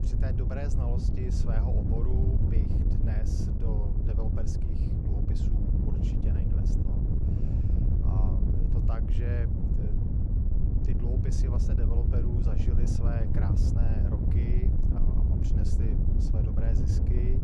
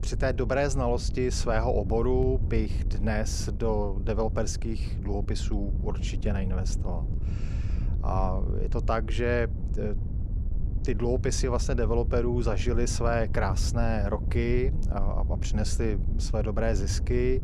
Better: second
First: wind noise on the microphone; heavy; 3 dB above the speech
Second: wind noise on the microphone; occasional gusts; 15 dB below the speech

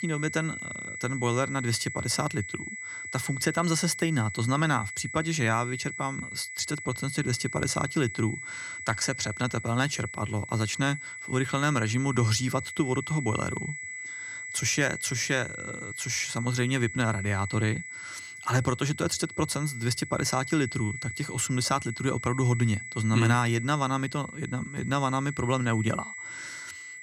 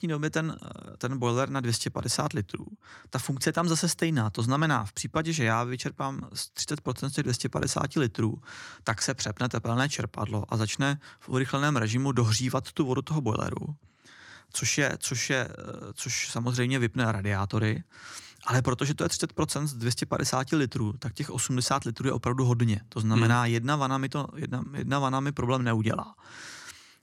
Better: second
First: high-pitched whine; loud; throughout; 2 kHz, 8 dB below the speech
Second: none

